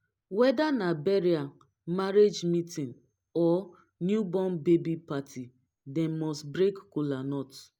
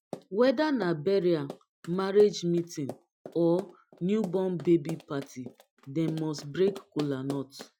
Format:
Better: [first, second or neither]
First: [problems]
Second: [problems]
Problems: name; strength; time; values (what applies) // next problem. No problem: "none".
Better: first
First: none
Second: noise reduction (classical method Wiener filter)